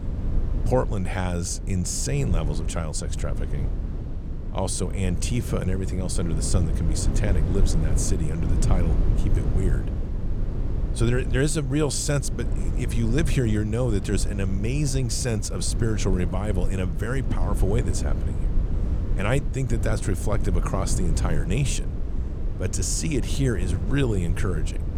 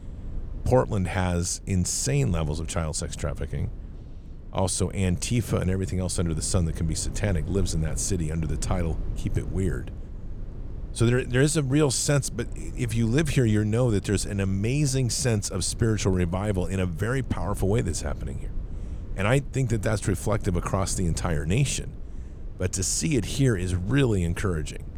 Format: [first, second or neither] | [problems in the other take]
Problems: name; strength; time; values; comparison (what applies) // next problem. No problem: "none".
second | low rumble; loud; throughout; 10 dB below the speech; faint in the second